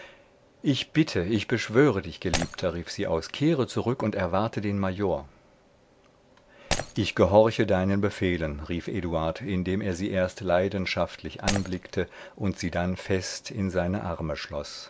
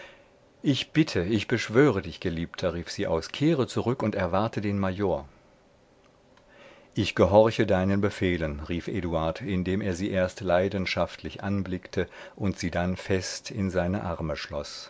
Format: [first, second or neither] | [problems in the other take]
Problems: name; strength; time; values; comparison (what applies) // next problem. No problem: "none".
second | background sound (Shatter); 9 dB below the speech